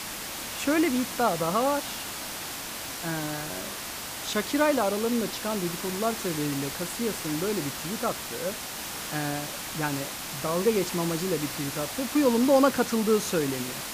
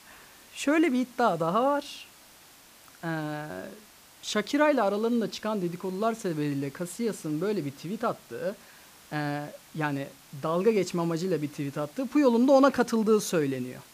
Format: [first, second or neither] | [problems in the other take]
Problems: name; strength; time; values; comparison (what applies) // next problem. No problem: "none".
second | hiss; loud; throughout; 5 dB below the speech; faint in the second